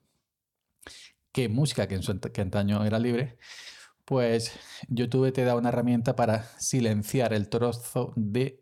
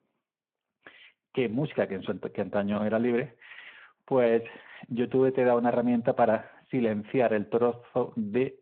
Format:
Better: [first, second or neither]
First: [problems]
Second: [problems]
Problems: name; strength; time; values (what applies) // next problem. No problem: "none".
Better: first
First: none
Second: phone-call audio